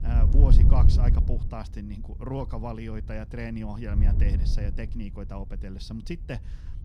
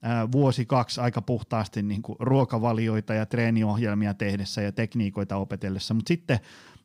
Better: second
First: wind noise on the microphone; heavy; 1 dB below the speech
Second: none

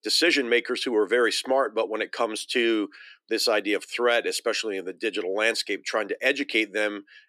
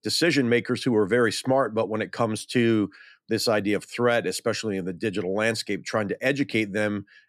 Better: second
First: thin; somewhat; fading below 350 Hz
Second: none

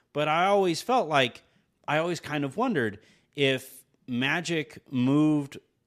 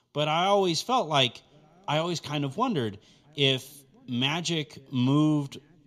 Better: first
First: none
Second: room echo; slight; dies away in 3 s

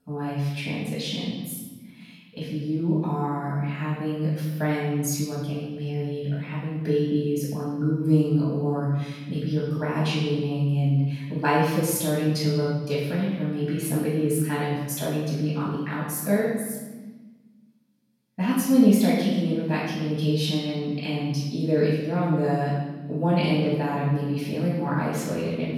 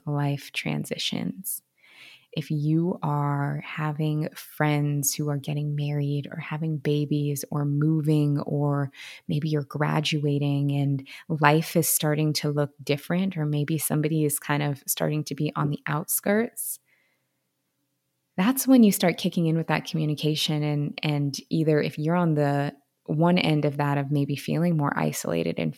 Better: second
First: off-mic speech; far // room echo; strong; dies away in 1.3 s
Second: none

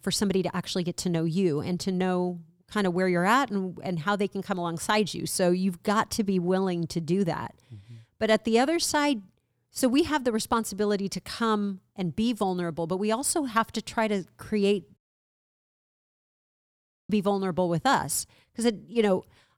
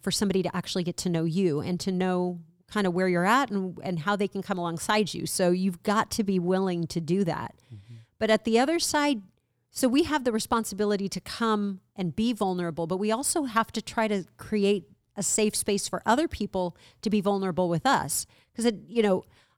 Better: second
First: audio cutting out; at 15 s for 2 s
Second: none

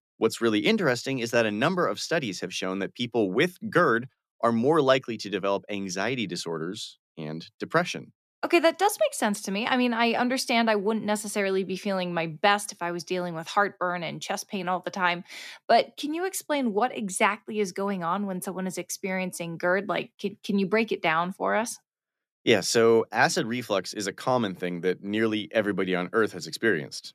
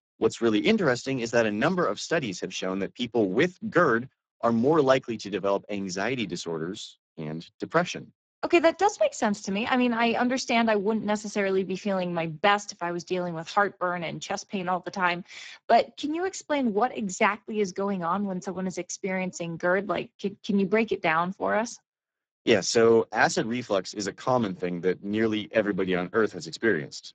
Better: first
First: none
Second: garbled, watery; badly; nothing above 7.5 kHz

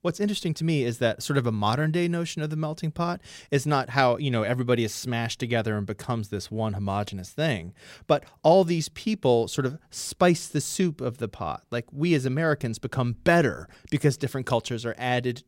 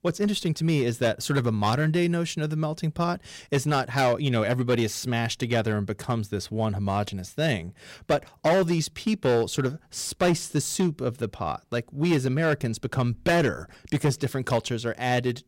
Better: first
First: none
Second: distortion; slight; 5% of the sound clipped

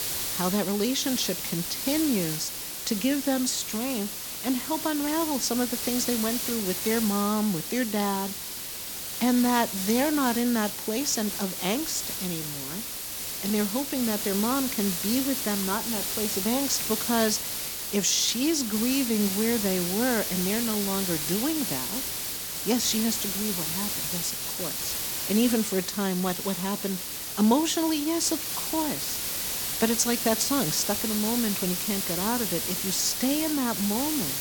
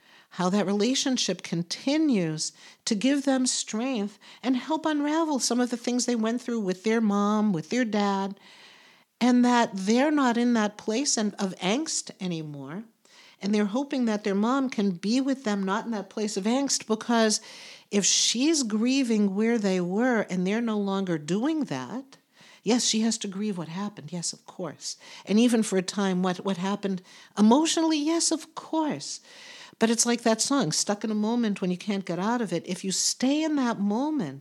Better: second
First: hiss; loud; throughout; 1 dB below the speech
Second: none

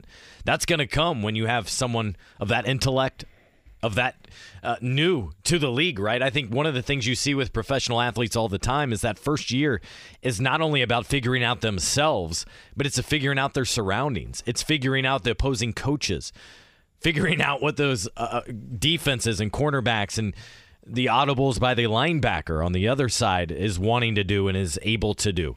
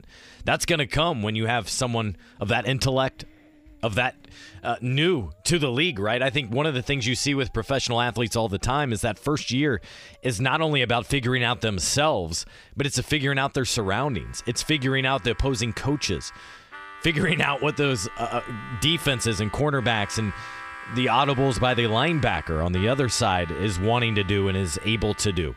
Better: first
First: none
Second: background music; noticeable; throughout; 15 dB below the speech

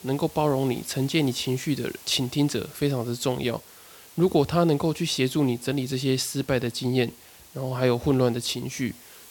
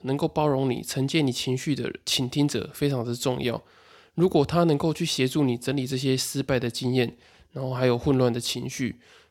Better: second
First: hiss; faint; throughout; 20 dB below the speech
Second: none

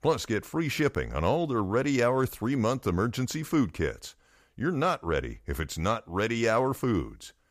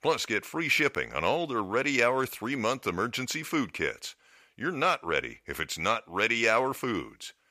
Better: first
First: none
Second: thin; very slightly; fading below 450 Hz

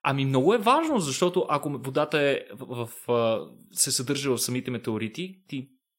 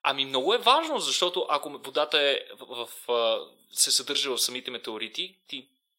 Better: first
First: none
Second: thin; somewhat; fading below 550 Hz

